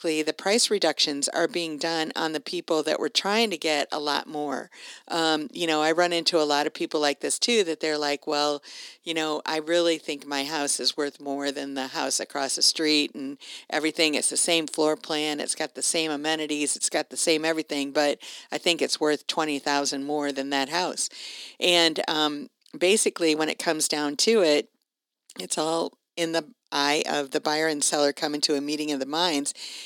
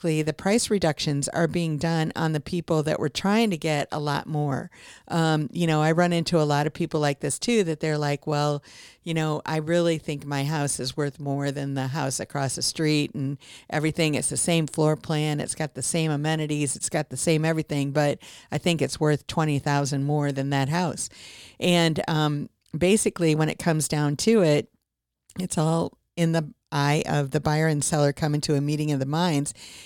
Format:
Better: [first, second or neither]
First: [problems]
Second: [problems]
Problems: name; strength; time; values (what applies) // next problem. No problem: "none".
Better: second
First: thin; somewhat; fading below 250 Hz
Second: none